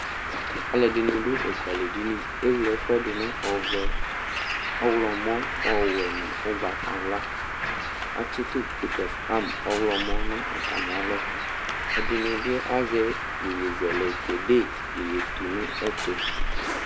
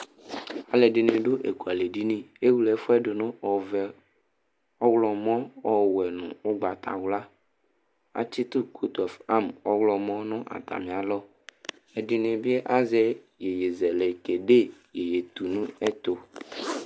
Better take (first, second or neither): second